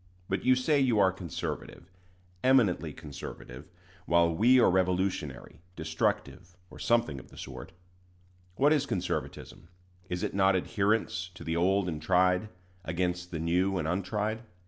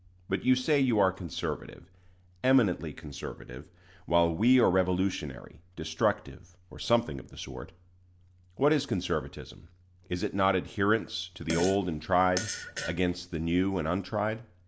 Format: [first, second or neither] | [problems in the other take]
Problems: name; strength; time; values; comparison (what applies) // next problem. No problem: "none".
first | background sound (Fart); 9 dB below the speech